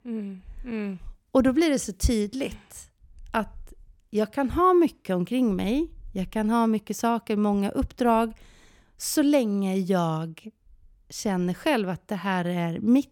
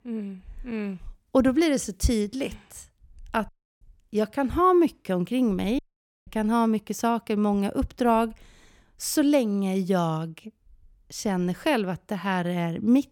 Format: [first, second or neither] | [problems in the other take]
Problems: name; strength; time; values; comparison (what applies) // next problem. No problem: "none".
first | audio cutting out; at 3.5 s and at 6 s